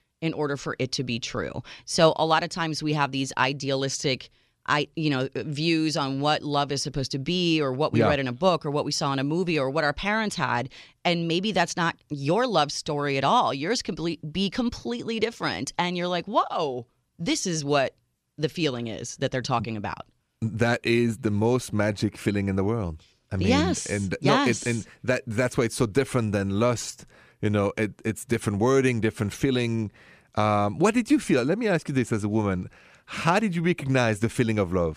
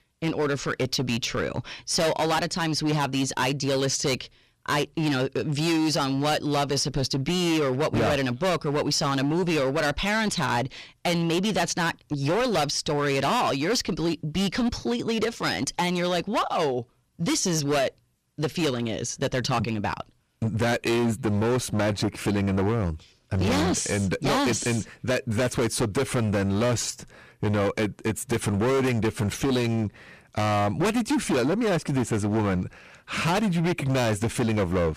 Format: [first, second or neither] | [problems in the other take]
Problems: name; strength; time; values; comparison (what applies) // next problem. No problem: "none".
first | distortion; heavy; 20% of the sound clipped